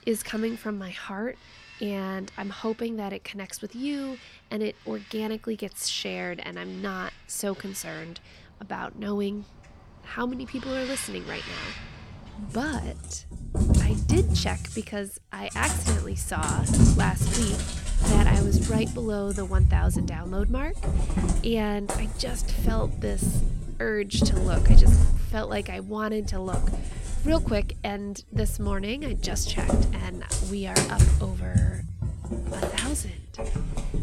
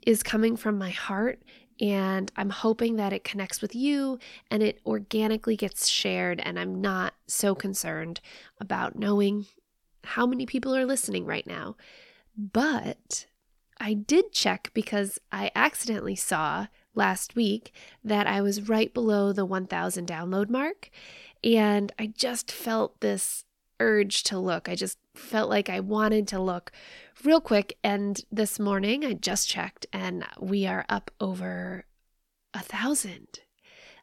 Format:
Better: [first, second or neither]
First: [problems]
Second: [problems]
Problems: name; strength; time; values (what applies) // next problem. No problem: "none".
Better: second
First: animal sounds; very loud; throughout; 5 dB above the speech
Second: none